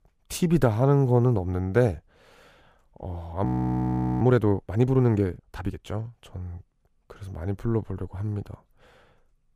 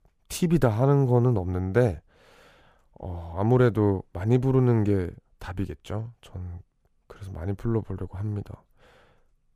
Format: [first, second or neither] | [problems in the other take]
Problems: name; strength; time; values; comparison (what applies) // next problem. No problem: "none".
second | audio freezing; at 3.5 s for 1 s